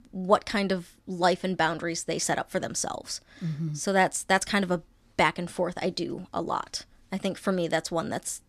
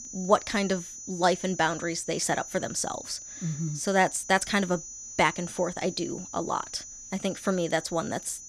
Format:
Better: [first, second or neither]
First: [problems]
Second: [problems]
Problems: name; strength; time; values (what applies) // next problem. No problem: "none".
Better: first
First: none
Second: high-pitched whine; noticeable; throughout; 6 kHz, 10 dB below the speech